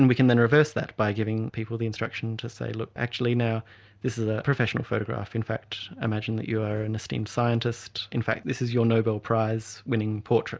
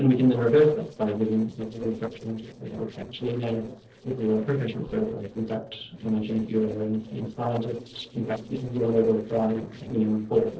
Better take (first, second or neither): first